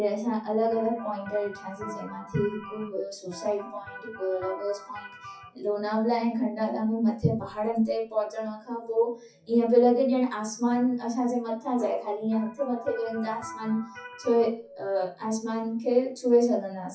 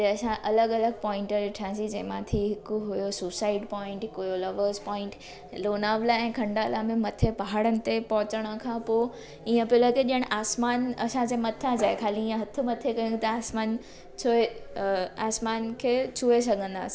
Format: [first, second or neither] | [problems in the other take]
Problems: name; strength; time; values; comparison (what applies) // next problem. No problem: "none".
second | noise reduction (classical method WPE with log-MMSE)